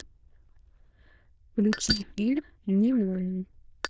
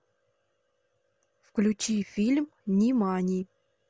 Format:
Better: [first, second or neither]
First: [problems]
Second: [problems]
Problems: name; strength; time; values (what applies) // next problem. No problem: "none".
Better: second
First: noise reduction (neural diffusion model UNIVERSE++)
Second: none